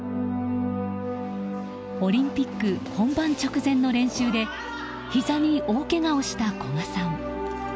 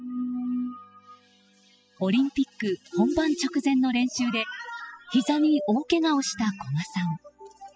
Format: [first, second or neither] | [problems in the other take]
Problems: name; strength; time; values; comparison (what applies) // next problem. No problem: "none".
first | noise reduction (classical method spectral subtraction)